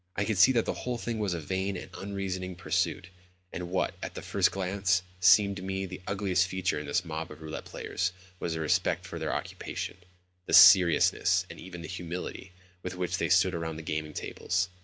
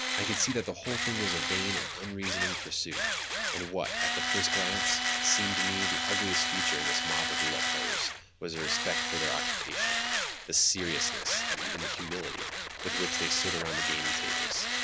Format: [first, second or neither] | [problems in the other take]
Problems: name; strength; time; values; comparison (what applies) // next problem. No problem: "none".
first | background sound (Tools); 3 dB above the speech